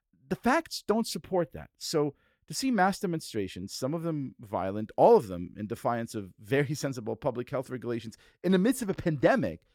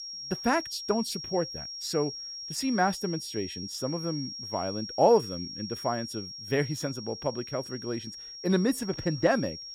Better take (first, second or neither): first